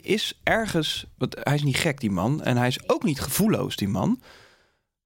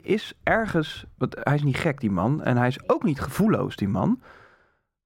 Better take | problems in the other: first | muffled; slightly; fading above 2.5 kHz

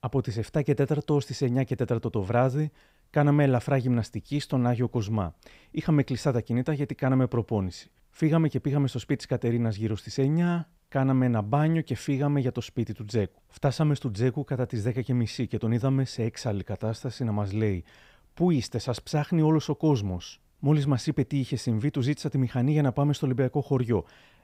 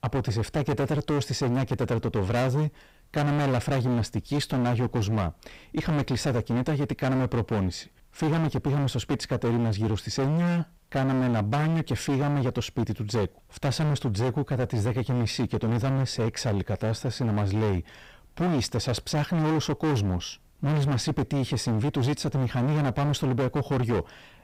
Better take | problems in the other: first | distortion; heavy; 27% of the sound clipped

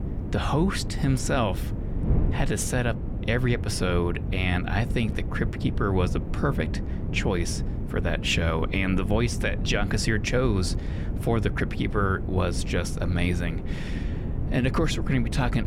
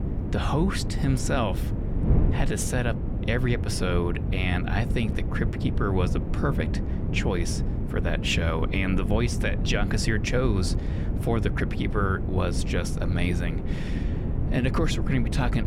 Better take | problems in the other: first | wind noise on the microphone; heavy; 8 dB below the speech; occasional gusts in the first

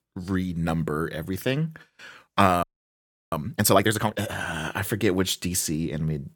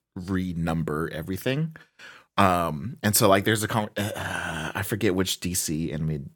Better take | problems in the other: second | audio freezing; at 2.5 s for 0.5 s

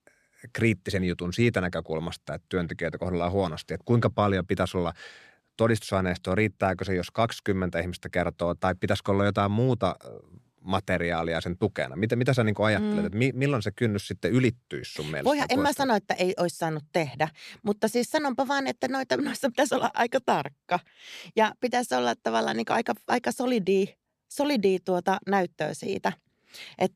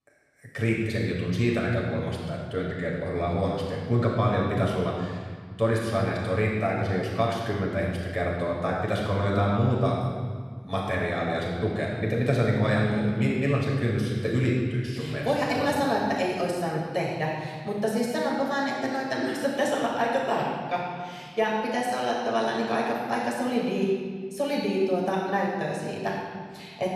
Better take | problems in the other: first | room echo; strong; dies away in 1.9 s // off-mic speech; far

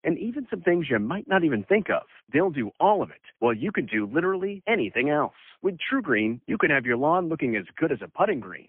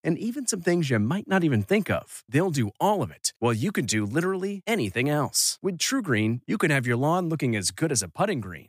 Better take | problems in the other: second | phone-call audio; poor line; nothing above 3 kHz

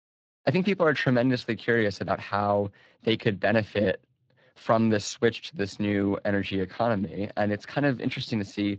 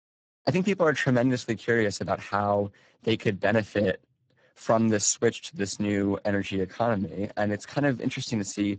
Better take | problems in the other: first | garbled, watery; badly; nothing above 7.5 kHz; slightly in the first

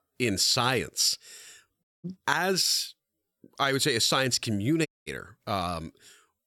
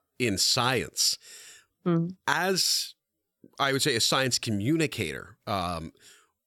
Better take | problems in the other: second | audio cutting out; at 2 s and at 5 s

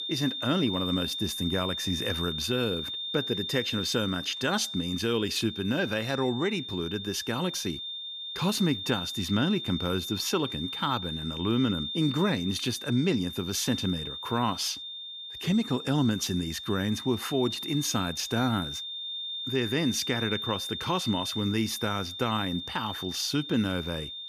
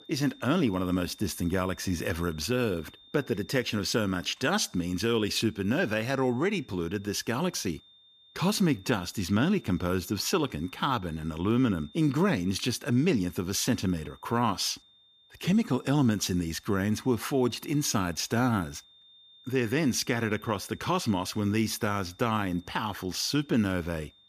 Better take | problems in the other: second | high-pitched whine; loud; throughout; 3.5 kHz, 5 dB below the speech; faint in the second

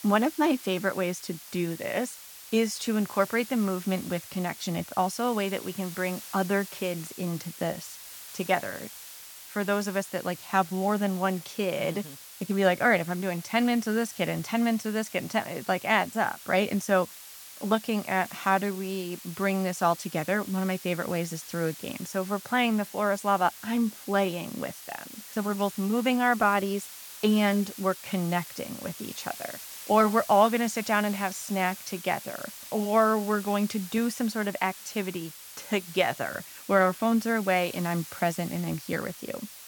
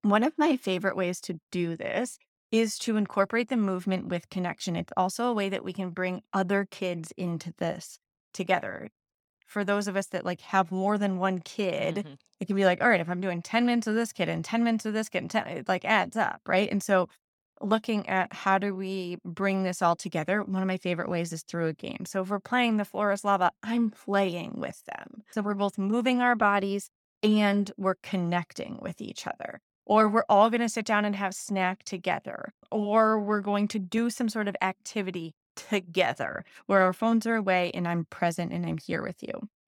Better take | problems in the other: second | hiss; noticeable; throughout; 15 dB below the speech

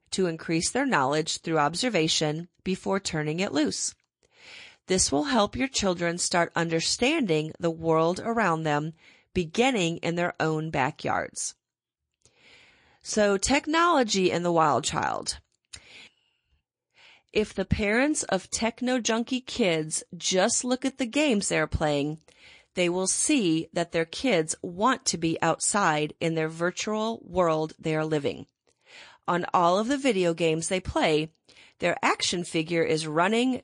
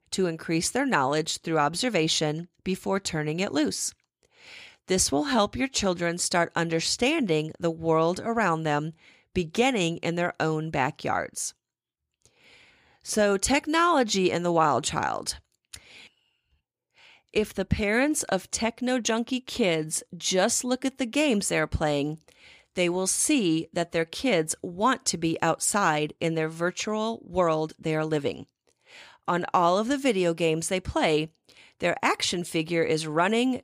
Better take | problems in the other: second | garbled, watery; slightly; nothing above 9 kHz

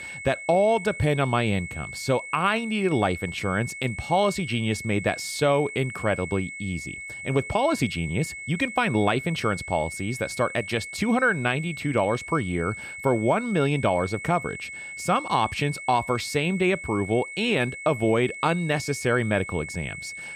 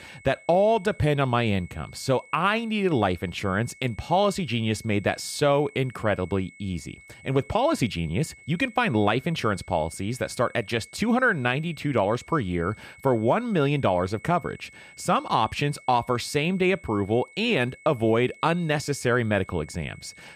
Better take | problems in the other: second | high-pitched whine; loud; throughout; 2 kHz, 10 dB below the speech; faint in the second

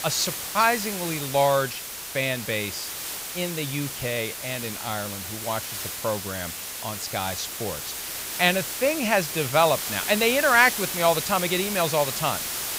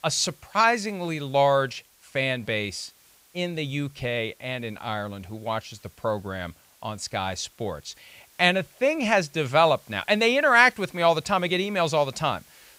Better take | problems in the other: second | hiss; loud; throughout; 5 dB below the speech; faint in the second

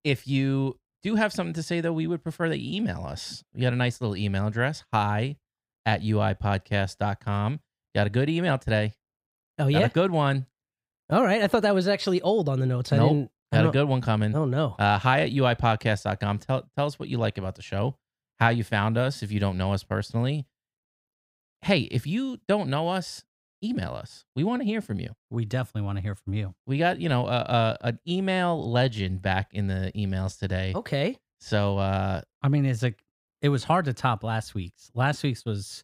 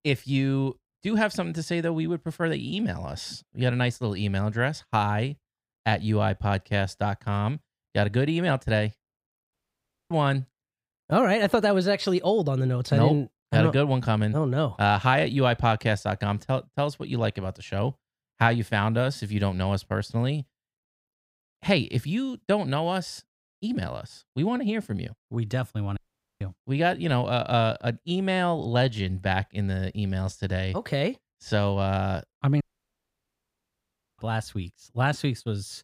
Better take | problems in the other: first | audio cutting out; at 9.5 s for 0.5 s, at 26 s and at 33 s for 1.5 s

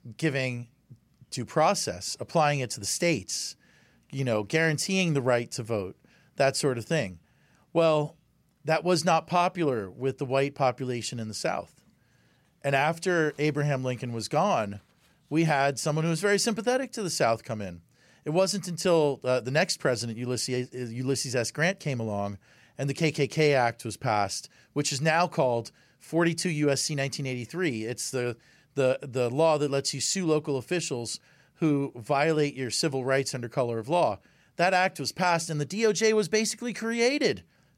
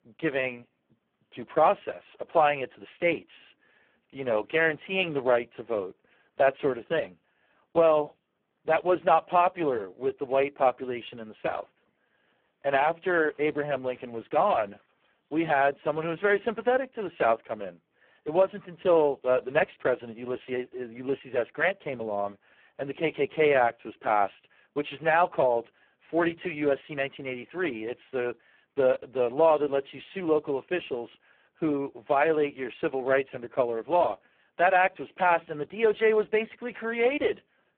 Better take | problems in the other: first | phone-call audio; poor line

